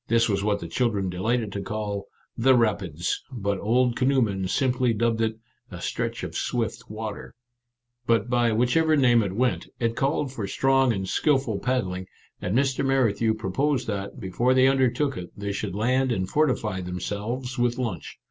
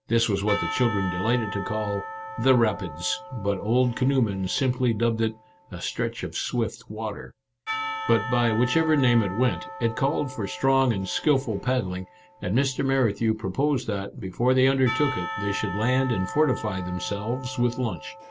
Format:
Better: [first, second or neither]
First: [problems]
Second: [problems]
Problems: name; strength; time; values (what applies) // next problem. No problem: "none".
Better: first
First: none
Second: background sound (Church bell / Percussion); 12 dB below the speech